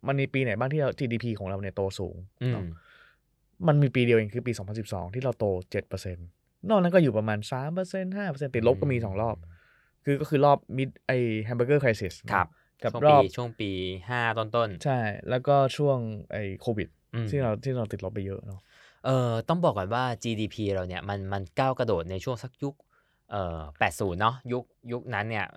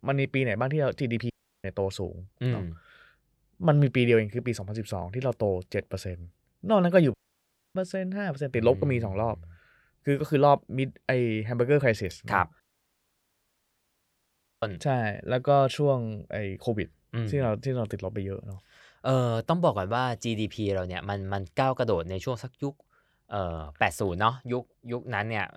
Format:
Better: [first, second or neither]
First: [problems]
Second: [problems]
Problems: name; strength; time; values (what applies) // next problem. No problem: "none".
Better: first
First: none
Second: audio cutting out; at 1.5 s, at 7 s for 0.5 s and at 13 s for 2 s